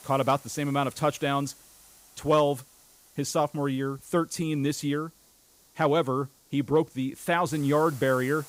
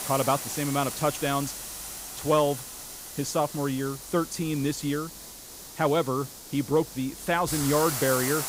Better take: first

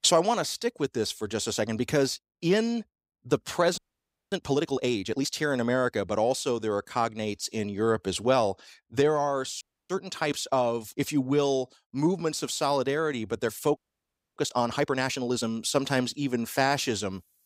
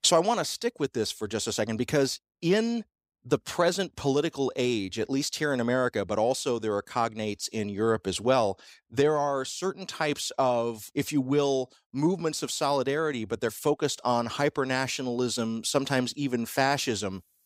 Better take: second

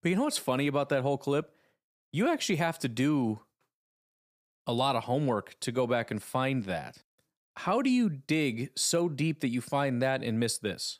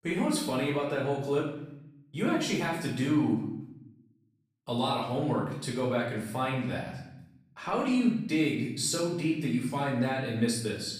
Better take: first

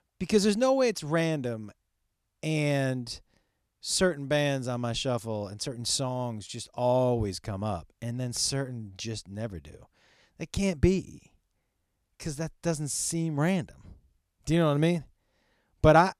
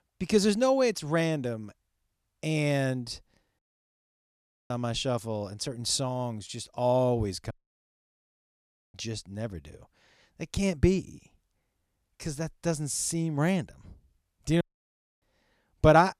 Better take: first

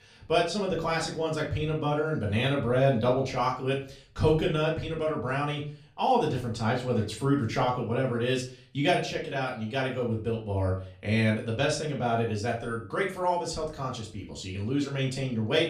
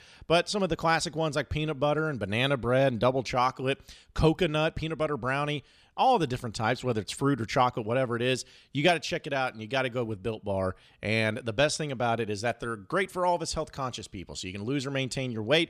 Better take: second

